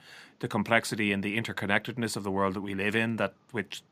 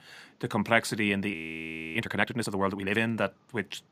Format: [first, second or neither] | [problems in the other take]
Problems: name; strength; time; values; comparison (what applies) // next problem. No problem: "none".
first | audio freezing; at 1.5 s for 0.5 s